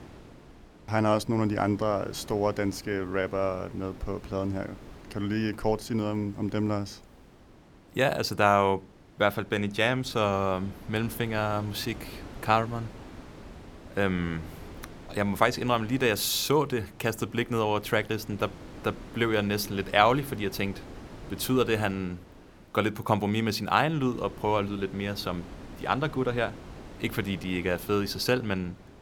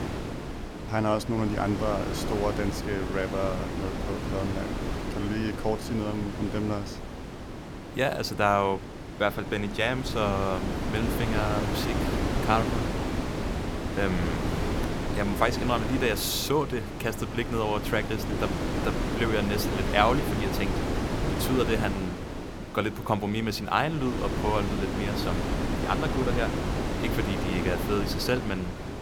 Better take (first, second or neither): first